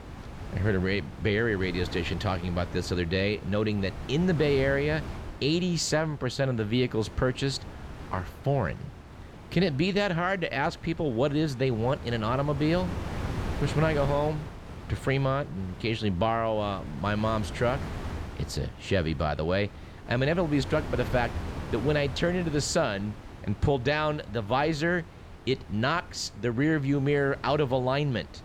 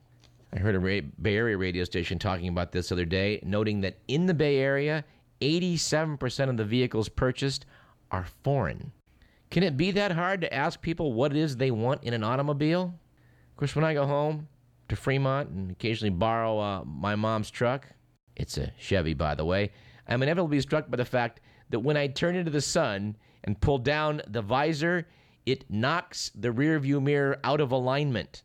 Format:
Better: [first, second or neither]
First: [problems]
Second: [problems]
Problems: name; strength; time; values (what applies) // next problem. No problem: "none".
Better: second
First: wind noise on the microphone; occasional gusts; 15 dB below the speech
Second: none